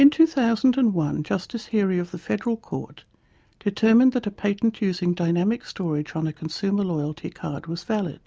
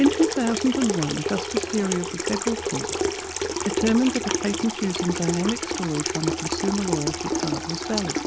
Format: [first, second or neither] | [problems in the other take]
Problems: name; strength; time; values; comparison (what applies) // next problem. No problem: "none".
first | background sound (Sink (filling or washing) / Water tap, faucet); 2 dB below the speech